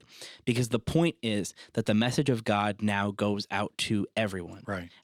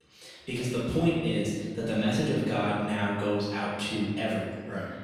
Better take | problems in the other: first | room echo; strong; dies away in 1.5 s // off-mic speech; far

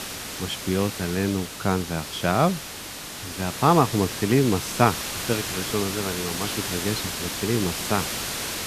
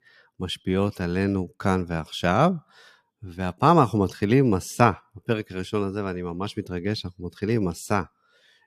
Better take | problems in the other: second | hiss; loud; throughout; 5 dB below the speech

